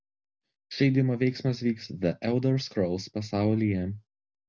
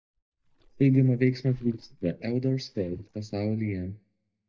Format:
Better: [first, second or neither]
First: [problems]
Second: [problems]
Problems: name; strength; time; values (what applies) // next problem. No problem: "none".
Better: first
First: none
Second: noise reduction (neural mask model DeepFilterNet 3)